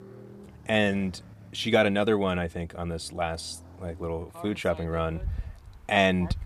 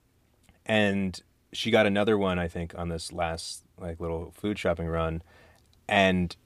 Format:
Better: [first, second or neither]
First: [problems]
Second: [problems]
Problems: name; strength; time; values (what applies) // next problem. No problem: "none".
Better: second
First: traffic noise; noticeable; throughout; 15 dB below the speech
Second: none